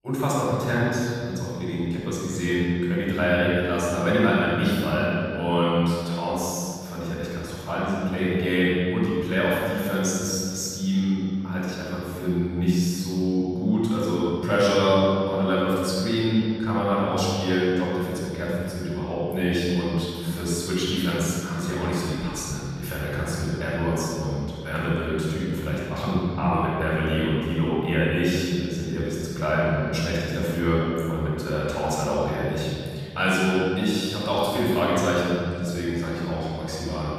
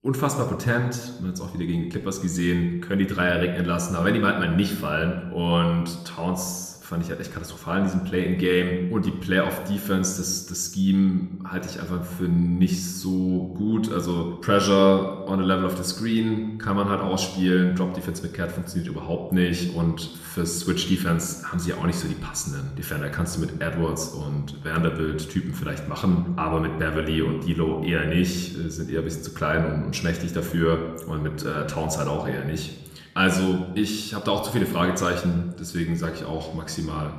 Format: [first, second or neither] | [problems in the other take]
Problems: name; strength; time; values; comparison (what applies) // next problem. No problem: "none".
second | room echo; strong; dies away in 2.2 s; slight in the second // off-mic speech; far